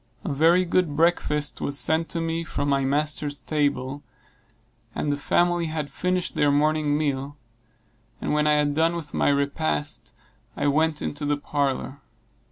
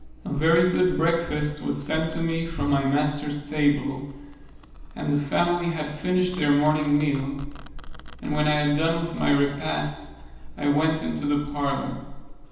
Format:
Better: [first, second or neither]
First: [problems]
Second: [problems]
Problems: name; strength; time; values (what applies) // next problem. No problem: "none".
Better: first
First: none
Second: background sound (Domestic sounds, home sounds); 13 dB below the speech // room echo; dies away in 0.9 s